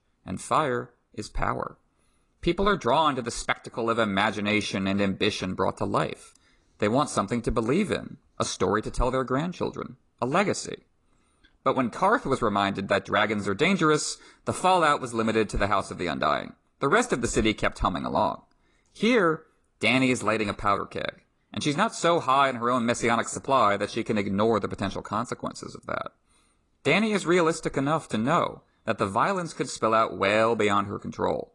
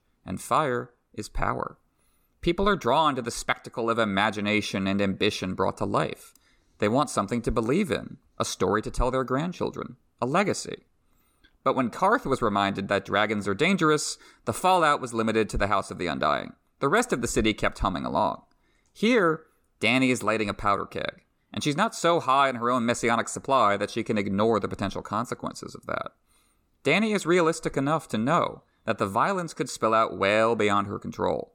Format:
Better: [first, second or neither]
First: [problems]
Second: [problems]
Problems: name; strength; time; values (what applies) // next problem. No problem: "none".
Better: second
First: garbled, watery; slightly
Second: none